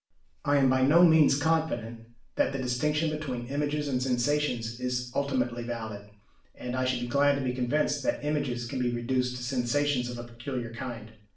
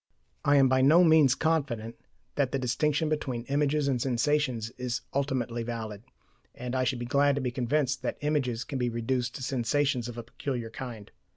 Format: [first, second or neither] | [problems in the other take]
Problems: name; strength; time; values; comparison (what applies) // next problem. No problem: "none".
second | room echo; dies away in 0.4 s